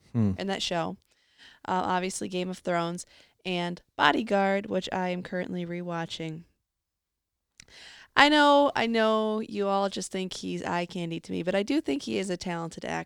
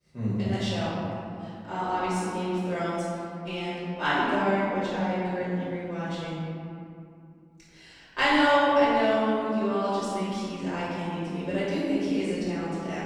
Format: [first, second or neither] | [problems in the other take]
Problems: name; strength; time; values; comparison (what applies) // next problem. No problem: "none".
first | off-mic speech; far // room echo; strong; dies away in 2.6 s